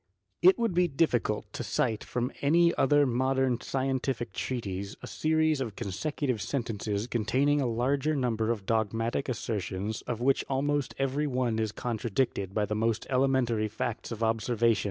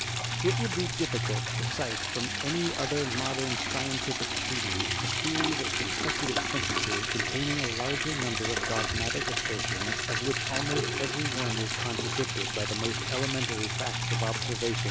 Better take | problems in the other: first | background sound (Liquid); 4 dB above the speech

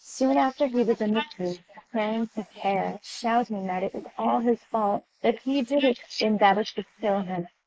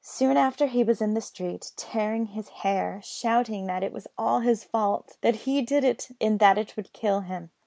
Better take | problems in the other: second | noise reduction (neural mask model Resemble Enhance denoiser)

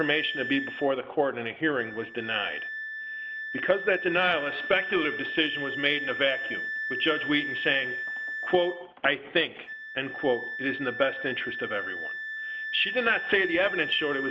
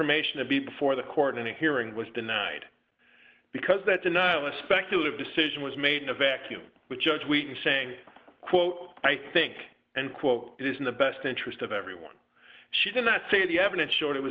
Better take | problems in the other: second | background sound (Wind instrument, woodwind instrument); 6 dB below the speech

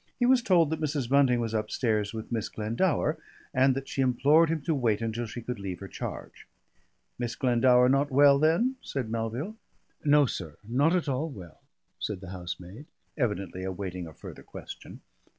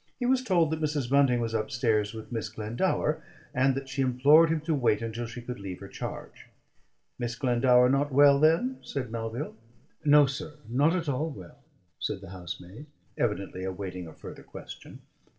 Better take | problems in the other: first | room echo; dies away in 0.3 s

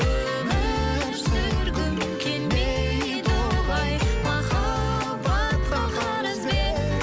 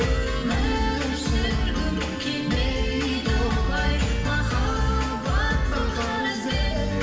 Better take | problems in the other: first | room echo; dies away in 0.9 s

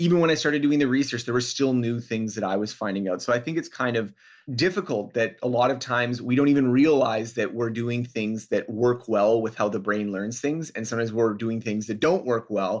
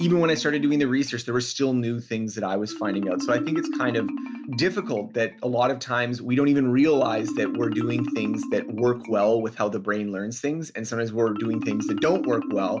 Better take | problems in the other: first | background sound (Marimba, xylophone); 8 dB below the speech

